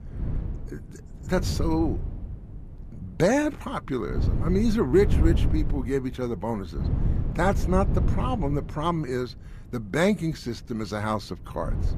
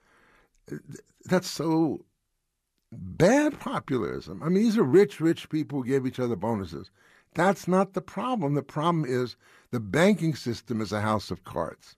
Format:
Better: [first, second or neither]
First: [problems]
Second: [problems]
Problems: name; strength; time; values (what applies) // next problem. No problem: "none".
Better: second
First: wind noise on the microphone; occasional gusts; 10 dB below the speech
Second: none